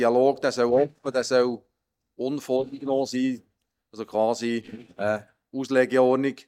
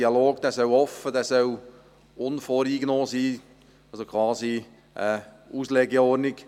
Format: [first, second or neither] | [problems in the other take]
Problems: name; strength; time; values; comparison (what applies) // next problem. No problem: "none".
second | noise reduction (neural mask model DeepFilterNet 3)